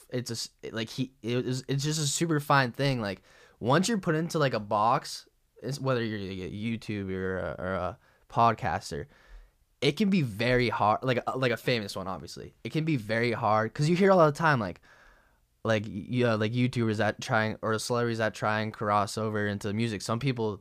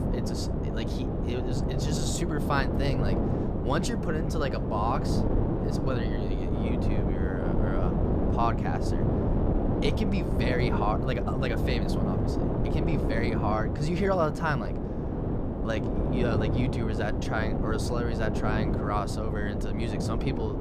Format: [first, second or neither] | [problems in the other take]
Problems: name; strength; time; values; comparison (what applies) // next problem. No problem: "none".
first | wind noise on the microphone; heavy; 2 dB below the speech